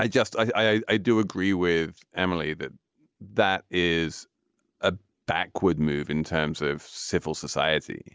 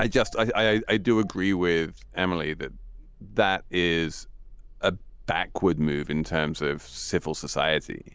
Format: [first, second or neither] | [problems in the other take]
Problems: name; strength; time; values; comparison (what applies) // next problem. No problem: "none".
first | background sound (Engine starting / Car); 16 dB below the speech